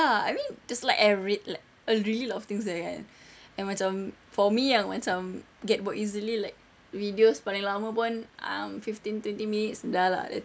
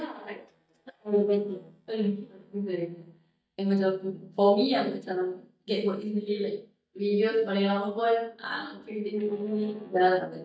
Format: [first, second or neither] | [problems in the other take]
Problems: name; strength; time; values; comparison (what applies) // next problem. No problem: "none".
first | noise reduction (neural mask model DeepFilterNet 3)